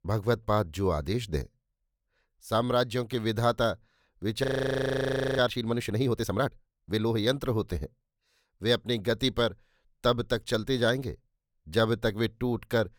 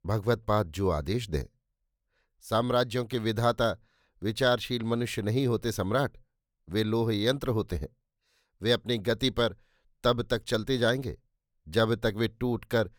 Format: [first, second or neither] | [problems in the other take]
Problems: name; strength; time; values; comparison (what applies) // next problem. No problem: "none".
second | audio freezing; at 4.5 s for 1 s